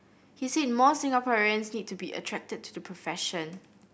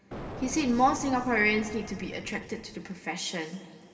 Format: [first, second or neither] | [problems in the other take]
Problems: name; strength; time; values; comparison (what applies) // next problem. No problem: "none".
first | background sound (Explosion); 12 dB below the speech // room echo; dies away in 2.1 s